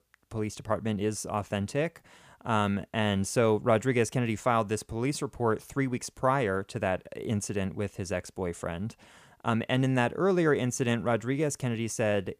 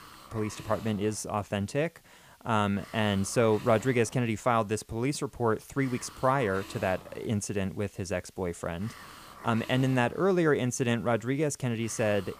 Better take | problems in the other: first | hiss; noticeable; throughout; 20 dB below the speech

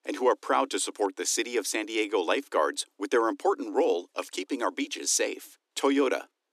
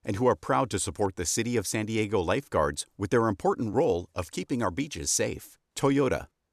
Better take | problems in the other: second | thin; very slightly; fading below 300 Hz

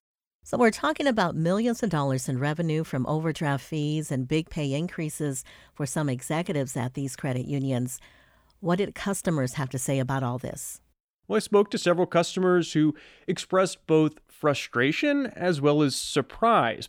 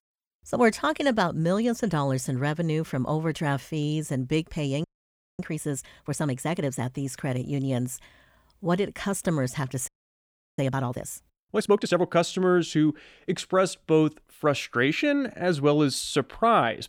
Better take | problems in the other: first | audio freezing; at 5 s for 0.5 s and at 10 s for 0.5 s

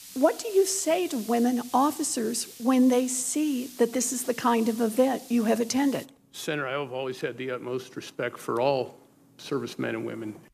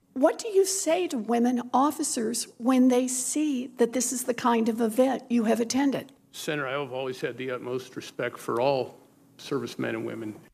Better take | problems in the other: second | hiss; noticeable; until 6 s; 15 dB below the speech

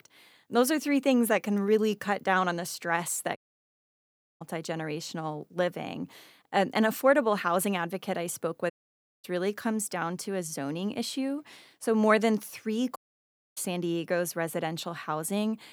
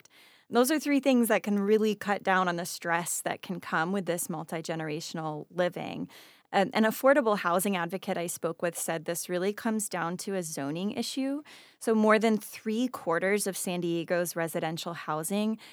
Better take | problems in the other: second | audio cutting out; at 3.5 s for 1 s, at 8.5 s for 0.5 s and at 13 s for 0.5 s

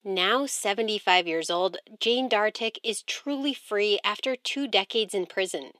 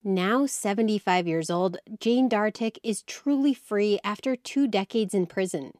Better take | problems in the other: second | thin; somewhat; fading below 450 Hz

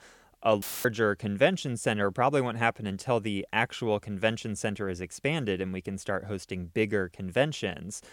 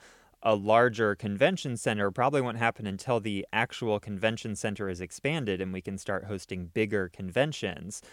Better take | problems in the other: second | audio cutting out; filled with static; at 0.5 s

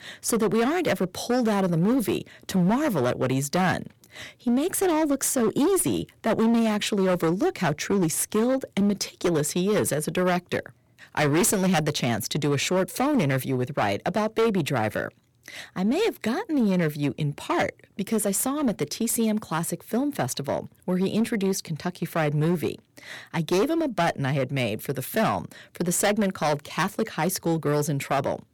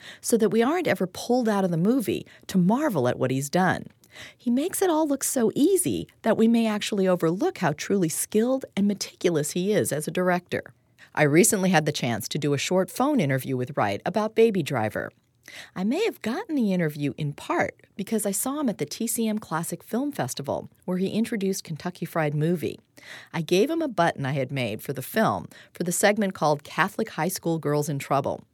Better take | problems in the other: second | distortion; slight; 12% of the sound clipped

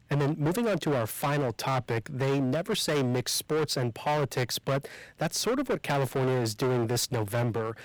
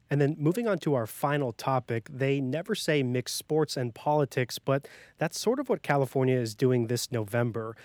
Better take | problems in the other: second | distortion; heavy; 22% of the sound clipped

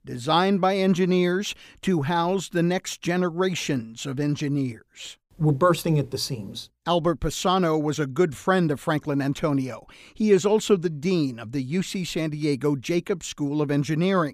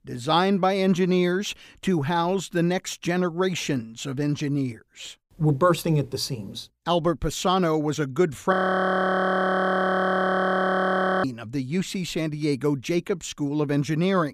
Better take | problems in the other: first | audio freezing; at 8.5 s for 2.5 s

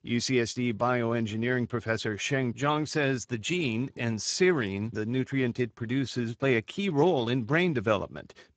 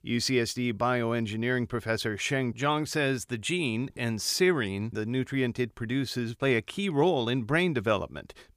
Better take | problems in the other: second | garbled, watery; badly; nothing above 7.5 kHz

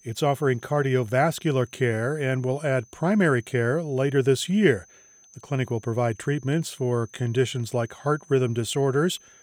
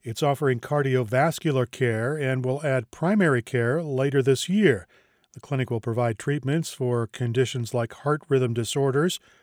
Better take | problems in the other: second | high-pitched whine; faint; throughout; 6 kHz, 30 dB below the speech

